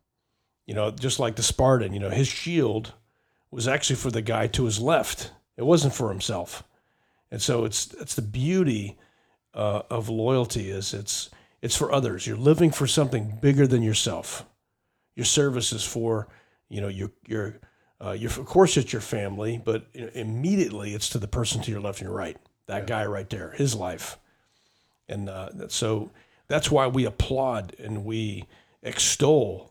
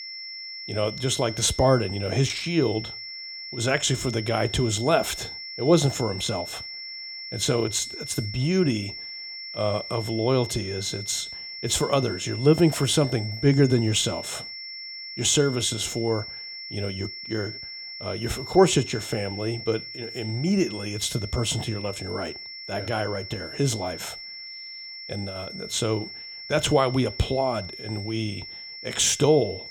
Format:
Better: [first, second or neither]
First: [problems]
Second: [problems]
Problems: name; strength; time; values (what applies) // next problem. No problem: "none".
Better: first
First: none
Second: high-pitched whine; loud; throughout; 5.5 kHz, 10 dB below the speech